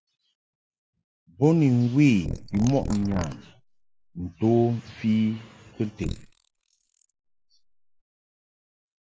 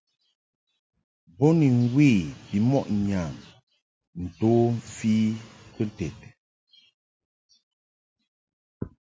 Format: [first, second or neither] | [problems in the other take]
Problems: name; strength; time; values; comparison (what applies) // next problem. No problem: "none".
second | noise reduction (neural mask model Resemble Enhance denoiser)